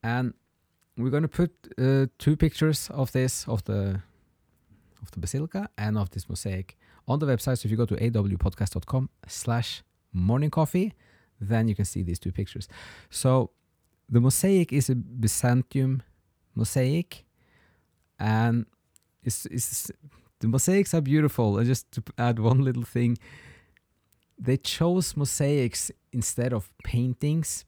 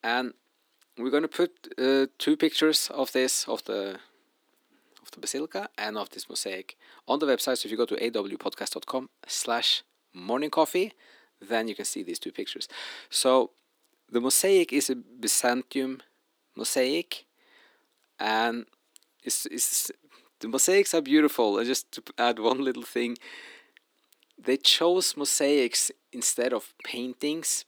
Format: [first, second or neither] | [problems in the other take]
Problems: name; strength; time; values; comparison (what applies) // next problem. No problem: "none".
first | thin; somewhat; fading below 300 Hz